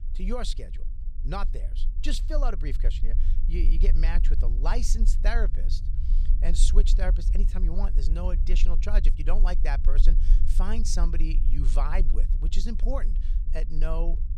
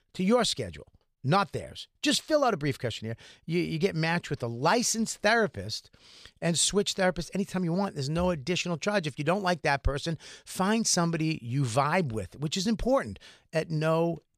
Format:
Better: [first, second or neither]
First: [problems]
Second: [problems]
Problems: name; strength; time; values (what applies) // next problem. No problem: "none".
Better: second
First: low rumble; noticeable; throughout; 15 dB below the speech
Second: none